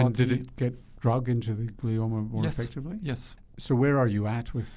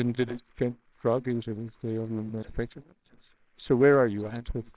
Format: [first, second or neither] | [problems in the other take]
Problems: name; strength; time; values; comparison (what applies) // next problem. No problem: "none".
first | noise reduction (neural separator model SepFormer WHAMR!)